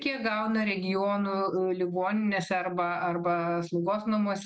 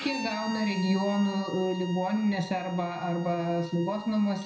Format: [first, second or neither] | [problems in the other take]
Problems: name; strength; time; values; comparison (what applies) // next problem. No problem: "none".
first | background sound (Bowed string instrument); 13 dB below the speech // room echo; dies away in 0.5 s